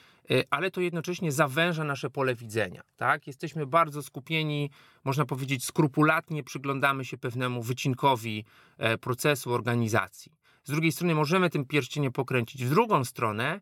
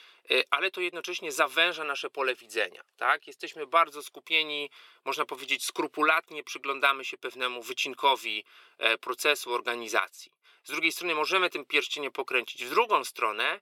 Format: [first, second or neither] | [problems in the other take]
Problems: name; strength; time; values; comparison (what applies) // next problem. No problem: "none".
first | thin; very; fading below 400 Hz